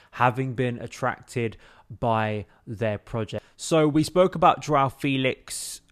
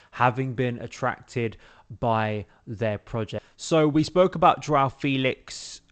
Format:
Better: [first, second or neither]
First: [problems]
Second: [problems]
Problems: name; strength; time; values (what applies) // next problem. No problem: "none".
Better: first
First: none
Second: garbled, watery; slightly; nothing above 8 kHz